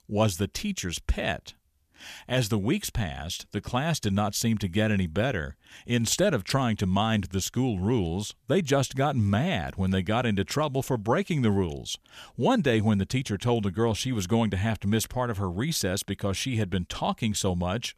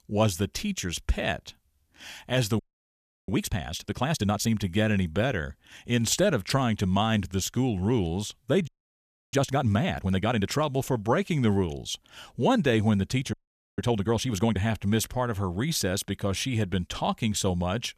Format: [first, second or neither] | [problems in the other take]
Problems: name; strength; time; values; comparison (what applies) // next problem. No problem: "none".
first | audio freezing; at 2.5 s for 0.5 s, at 8.5 s for 0.5 s and at 13 s